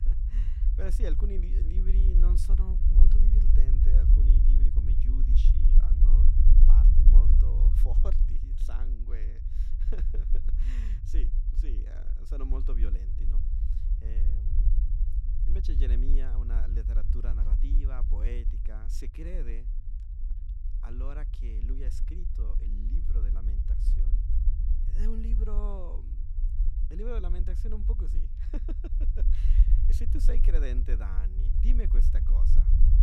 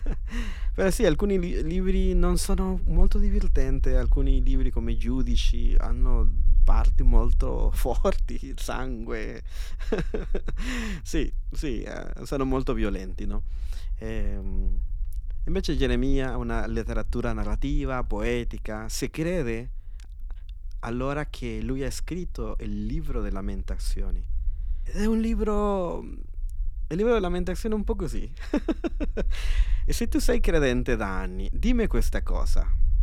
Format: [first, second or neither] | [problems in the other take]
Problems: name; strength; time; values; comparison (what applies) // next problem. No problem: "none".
second | low rumble; loud; throughout; 2 dB below the speech; faint in the second